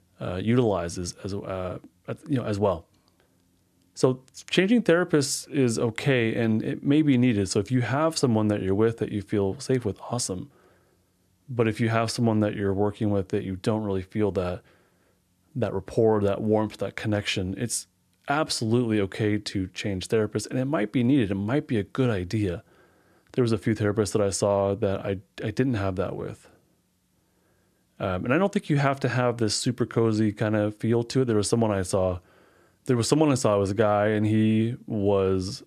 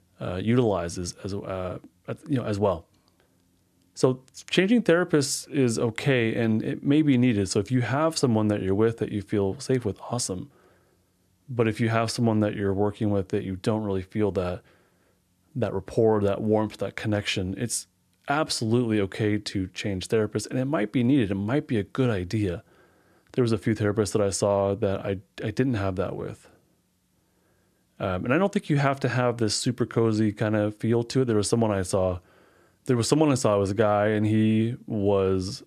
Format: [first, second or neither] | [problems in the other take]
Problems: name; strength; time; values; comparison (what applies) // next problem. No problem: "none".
neither | none